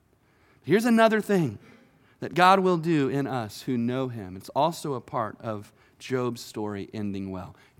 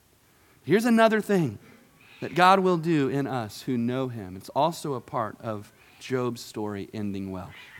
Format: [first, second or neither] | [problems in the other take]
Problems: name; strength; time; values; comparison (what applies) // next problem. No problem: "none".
first | hiss; faint; throughout; 30 dB below the speech